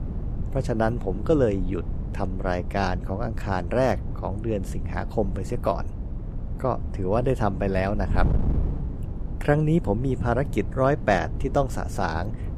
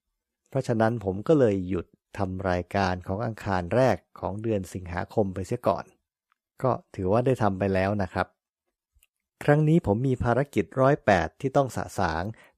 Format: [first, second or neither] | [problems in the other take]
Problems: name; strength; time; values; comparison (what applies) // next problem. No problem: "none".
second | wind noise on the microphone; occasional gusts; 15 dB below the speech